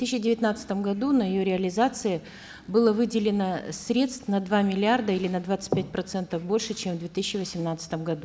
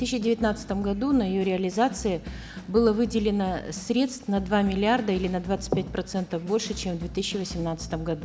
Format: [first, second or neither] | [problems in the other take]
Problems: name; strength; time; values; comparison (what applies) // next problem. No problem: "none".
first | background sound (Drum / Drum kit); 14 dB below the speech